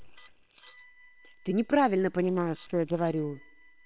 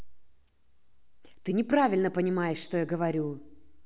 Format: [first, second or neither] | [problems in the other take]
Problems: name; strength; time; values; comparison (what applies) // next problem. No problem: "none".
second | noise reduction (neural separator model SepFormer WHAM!)